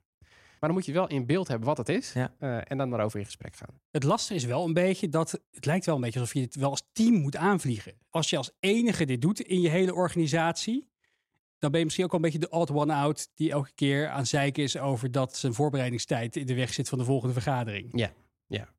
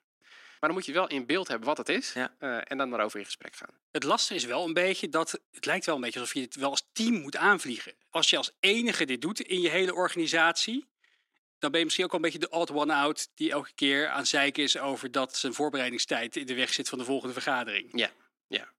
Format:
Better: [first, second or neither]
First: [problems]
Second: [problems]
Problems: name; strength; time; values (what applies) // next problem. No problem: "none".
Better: first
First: none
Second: thin; somewhat; fading below 250 Hz